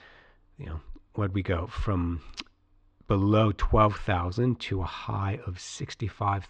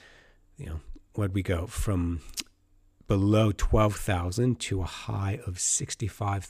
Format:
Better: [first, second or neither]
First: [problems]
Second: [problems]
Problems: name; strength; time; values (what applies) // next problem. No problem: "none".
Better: second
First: muffled; very; fading above 4.5 kHz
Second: none